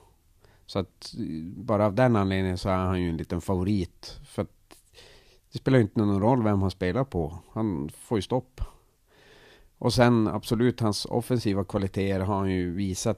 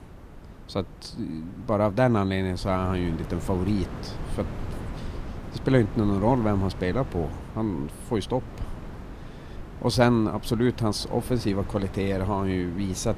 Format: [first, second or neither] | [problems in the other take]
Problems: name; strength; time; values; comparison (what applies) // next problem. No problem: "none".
first | wind noise on the microphone; occasional gusts; 15 dB below the speech